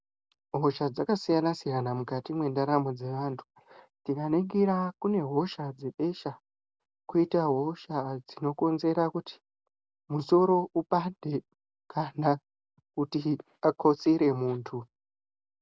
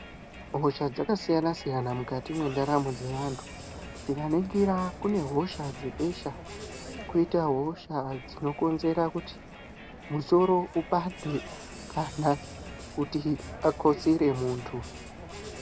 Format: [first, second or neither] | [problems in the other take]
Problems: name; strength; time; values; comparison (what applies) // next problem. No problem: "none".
first | background sound (Crowd); 13 dB below the speech